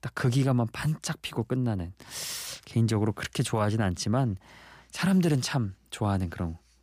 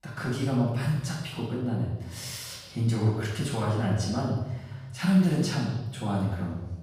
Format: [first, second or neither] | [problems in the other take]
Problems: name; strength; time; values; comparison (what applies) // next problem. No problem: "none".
first | off-mic speech; far // room echo; noticeable; dies away in 1 s